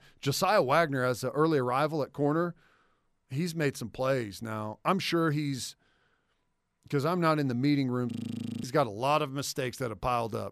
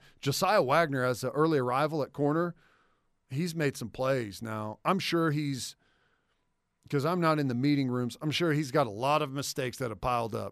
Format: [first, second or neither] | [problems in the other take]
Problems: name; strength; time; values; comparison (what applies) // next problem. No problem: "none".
second | audio freezing; at 8 s for 0.5 s